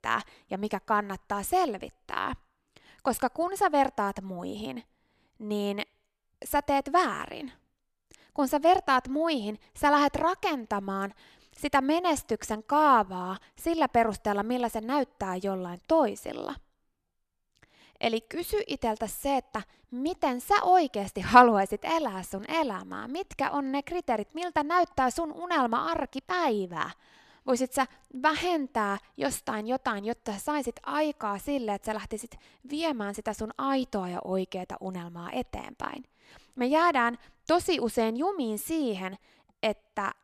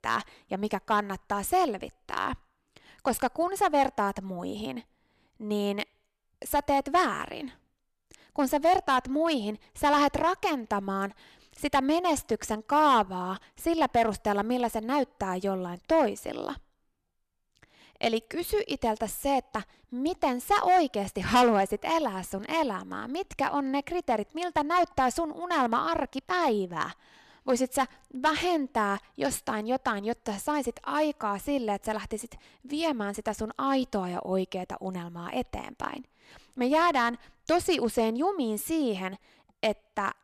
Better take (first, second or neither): first